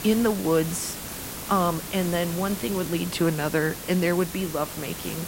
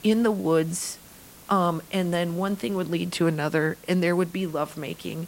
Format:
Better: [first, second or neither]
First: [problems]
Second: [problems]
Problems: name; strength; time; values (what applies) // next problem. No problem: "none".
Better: second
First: hiss; loud; throughout; 8 dB below the speech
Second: hiss; faint; throughout; 20 dB below the speech